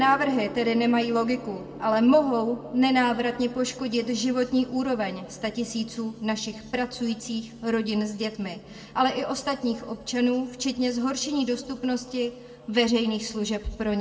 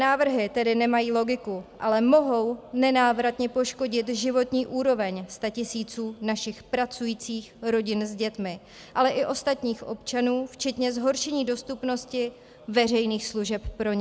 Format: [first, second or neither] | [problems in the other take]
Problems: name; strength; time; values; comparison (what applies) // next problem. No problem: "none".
second | background sound (Gong); 19 dB below the speech // room echo; dies away in 1.3 s